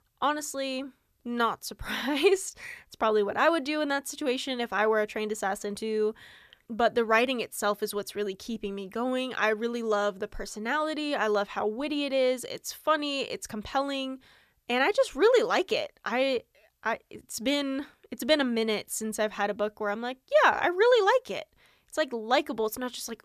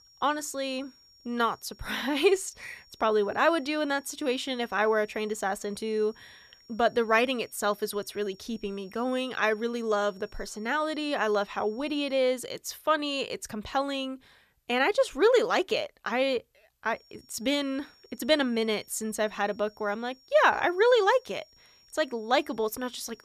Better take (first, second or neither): first